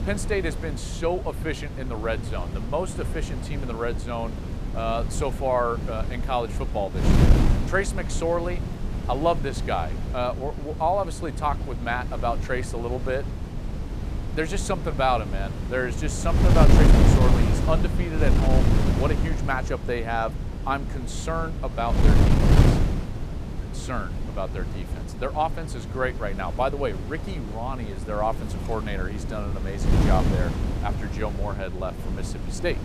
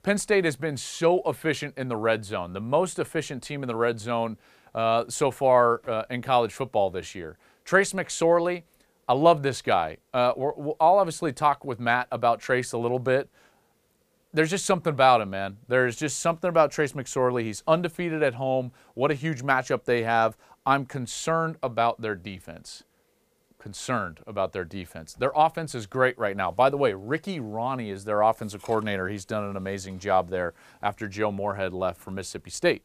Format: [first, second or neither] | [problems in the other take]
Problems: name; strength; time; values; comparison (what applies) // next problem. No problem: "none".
second | wind noise on the microphone; heavy; 6 dB below the speech